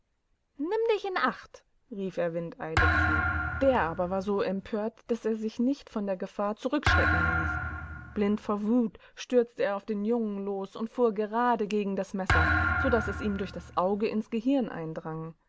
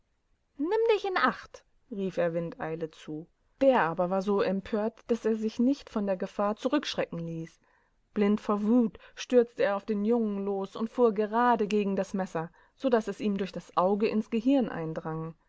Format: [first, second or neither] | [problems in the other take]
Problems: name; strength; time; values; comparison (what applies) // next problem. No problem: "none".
second | background sound (Thump, thud); 1 dB below the speech